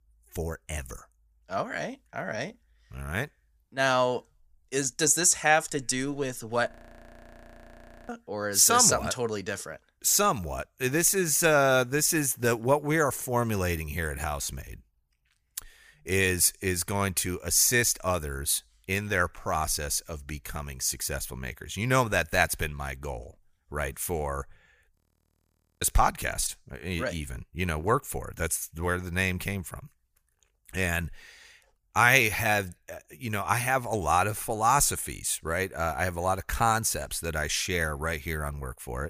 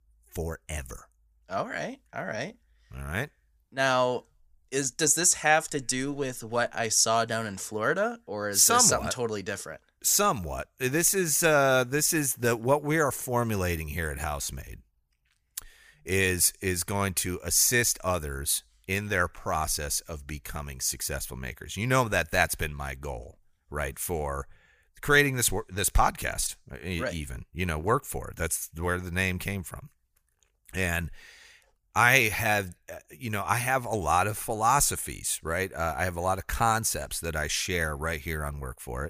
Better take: second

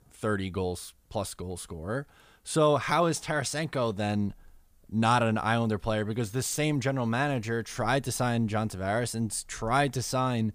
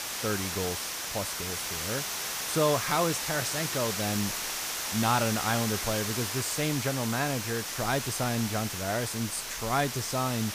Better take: first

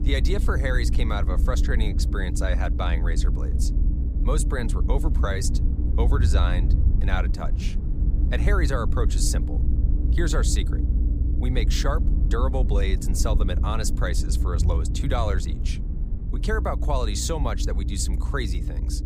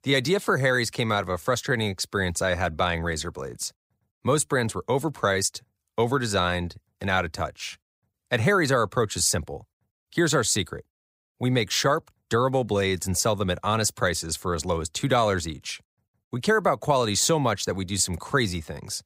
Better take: second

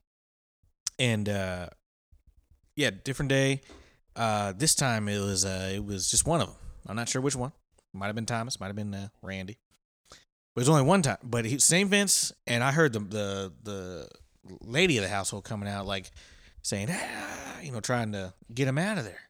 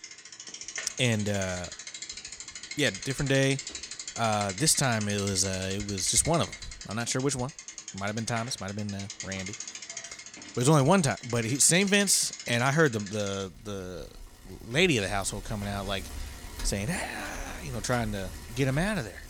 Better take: first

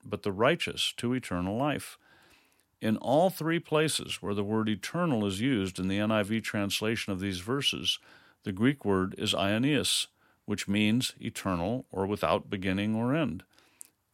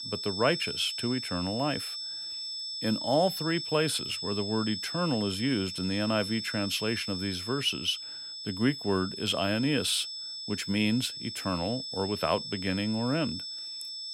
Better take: first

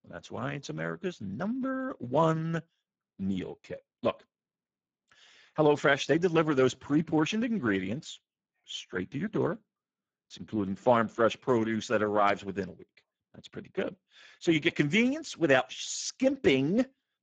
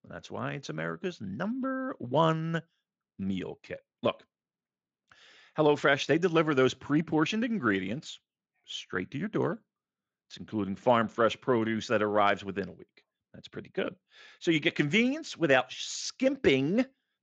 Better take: second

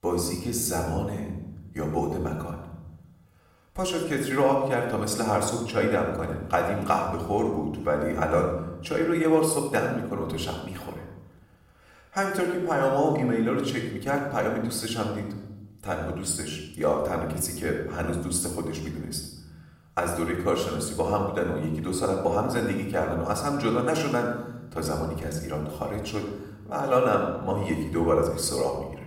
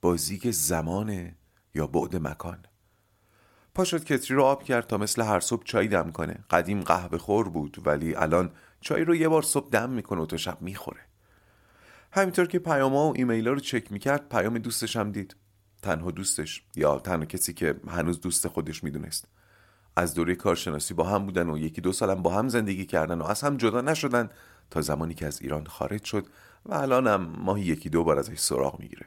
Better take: second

